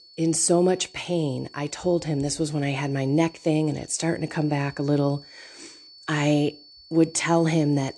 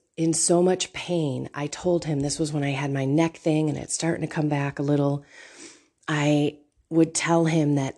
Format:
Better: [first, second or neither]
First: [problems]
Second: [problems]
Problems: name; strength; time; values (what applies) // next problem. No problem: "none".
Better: second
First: high-pitched whine; faint; throughout; 4.5 kHz, 25 dB below the speech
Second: none